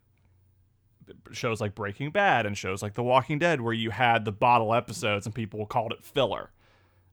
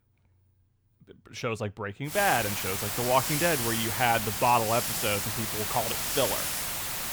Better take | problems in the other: first | hiss; loud; from 2 s on; as loud as the speech

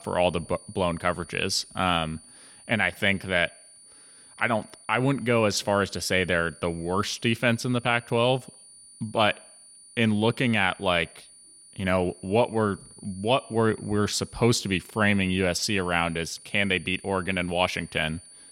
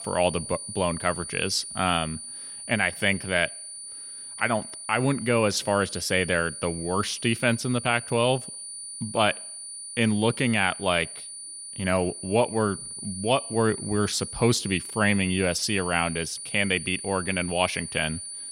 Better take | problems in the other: first | high-pitched whine; loud; throughout; 9.5 kHz, 10 dB below the speech; faint in the first

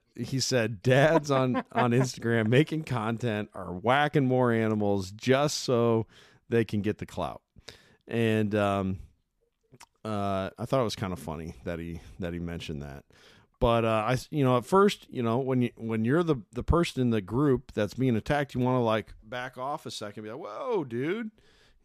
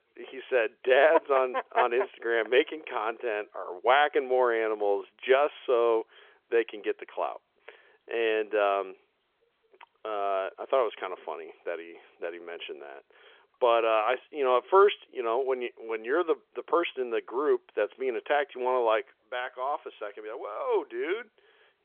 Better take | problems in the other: first | phone-call audio; nothing above 3.5 kHz

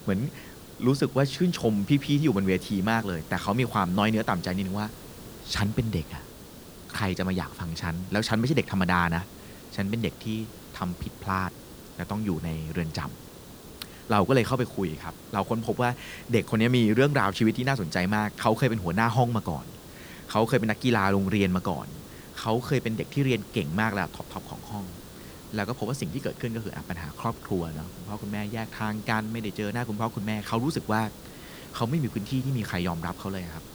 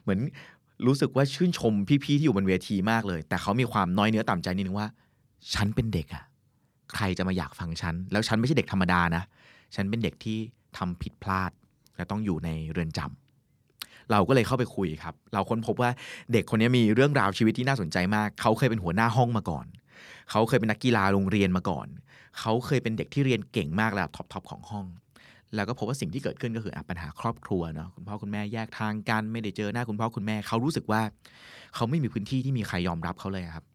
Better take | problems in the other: second | hiss; noticeable; throughout; 15 dB below the speech

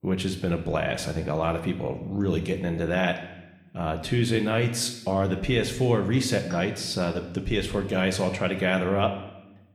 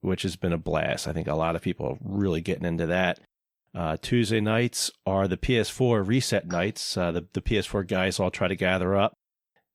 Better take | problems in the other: second | room echo; slight; dies away in 0.8 s

